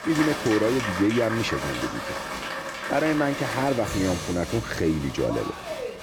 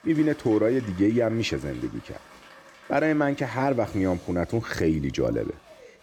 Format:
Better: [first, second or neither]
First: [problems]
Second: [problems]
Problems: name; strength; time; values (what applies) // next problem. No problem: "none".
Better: second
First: crowd noise; loud; throughout; 5 dB below the speech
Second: crowd noise; faint; throughout; 20 dB below the speech